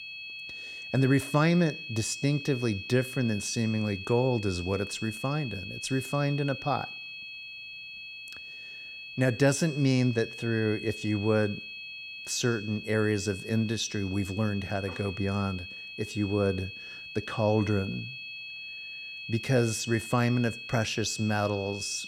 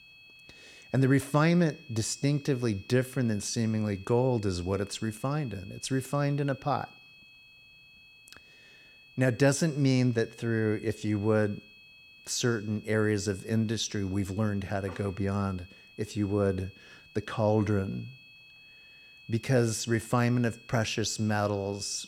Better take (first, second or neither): second